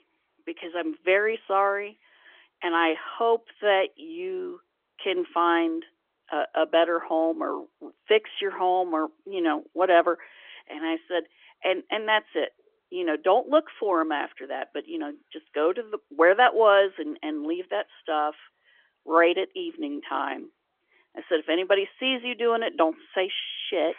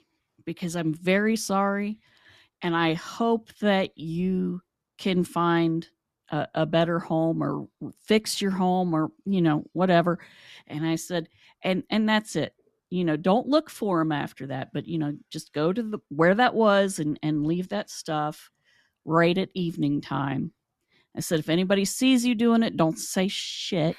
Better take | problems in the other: second | phone-call audio; nothing above 3.5 kHz

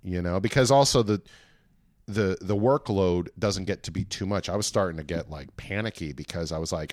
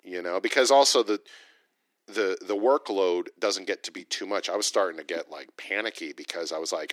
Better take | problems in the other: first | thin; somewhat; fading below 300 Hz

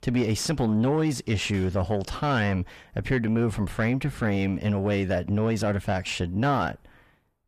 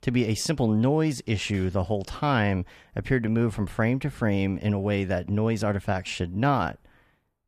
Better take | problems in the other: second | distortion; slight; 9 dB below the speech

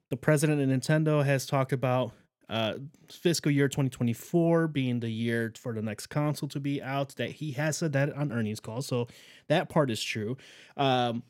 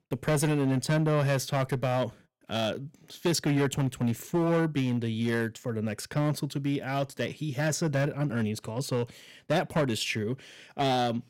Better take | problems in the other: first | distortion; slight; 8% of the sound clipped

